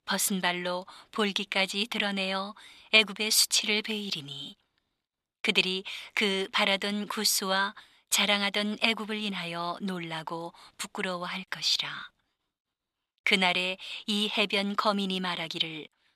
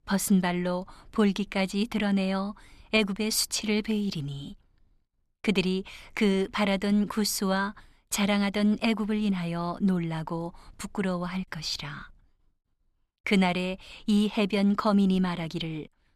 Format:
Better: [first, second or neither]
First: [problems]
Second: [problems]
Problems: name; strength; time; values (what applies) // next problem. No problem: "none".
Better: second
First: thin; somewhat; fading below 800 Hz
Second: none